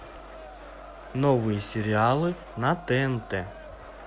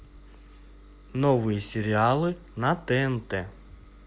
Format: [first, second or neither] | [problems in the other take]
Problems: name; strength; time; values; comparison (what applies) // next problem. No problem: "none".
second | background sound (Crowd); 17 dB below the speech